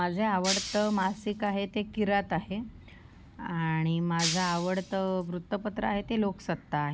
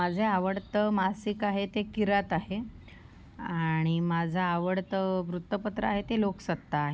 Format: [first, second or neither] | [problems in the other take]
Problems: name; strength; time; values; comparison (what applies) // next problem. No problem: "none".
second | background sound (Shatter); 6 dB below the speech